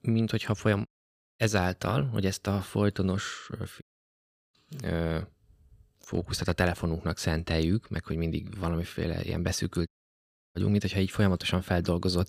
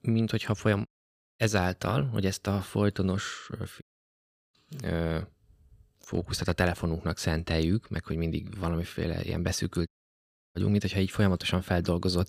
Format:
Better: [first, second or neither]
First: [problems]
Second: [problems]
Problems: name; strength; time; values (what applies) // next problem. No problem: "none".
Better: neither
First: audio cutting out; at 1 s for 0.5 s, at 4 s for 0.5 s and at 10 s for 0.5 s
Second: audio cutting out; at 1 s for 0.5 s, at 4 s for 0.5 s and at 10 s for 0.5 s